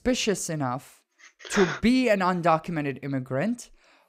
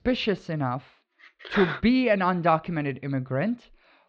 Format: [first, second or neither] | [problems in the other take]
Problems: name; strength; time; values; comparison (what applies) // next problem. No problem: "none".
first | muffled; slightly; fading above 4 kHz